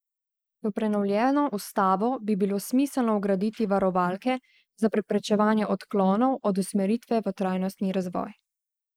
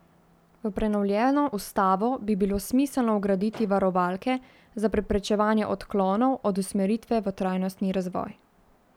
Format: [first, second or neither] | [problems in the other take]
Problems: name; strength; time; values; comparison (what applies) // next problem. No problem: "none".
second | noise reduction (neural mask model Resemble Enhance denoiser)